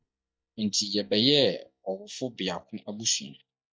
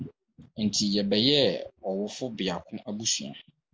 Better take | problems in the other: second | noise reduction (neural mask model DeepFilterNet 3)

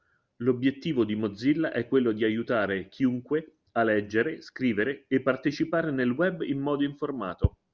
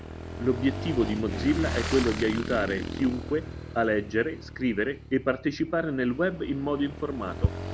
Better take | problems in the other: first | background sound (Motorcycle / Engine); 8 dB below the speech

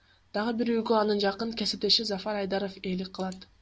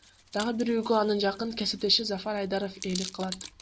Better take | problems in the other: first | background sound (Hands + Mechanisms); 16 dB below the speech

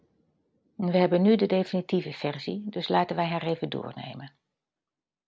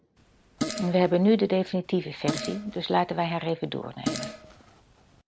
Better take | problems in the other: first | background sound (Fart); 10 dB below the speech

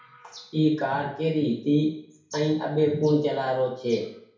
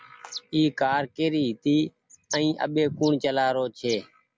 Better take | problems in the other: second | room echo; dies away in 0.6 s

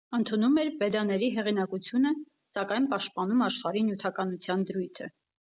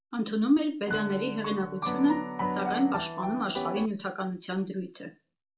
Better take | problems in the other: first | background sound (Piano); 3 dB below the speech // room echo; dies away in 0.2 s

